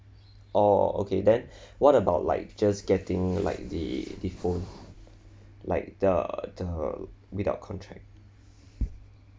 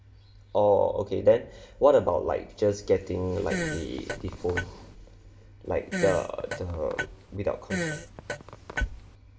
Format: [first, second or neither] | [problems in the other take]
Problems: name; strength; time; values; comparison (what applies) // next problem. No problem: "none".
first | background sound (Fart); 8 dB below the speech // room echo; dies away in 1 s